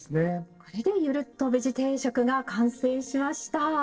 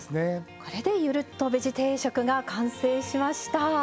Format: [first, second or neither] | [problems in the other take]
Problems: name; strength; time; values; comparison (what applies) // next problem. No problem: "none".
second | noise reduction (neural separator model SepFormer DNS4)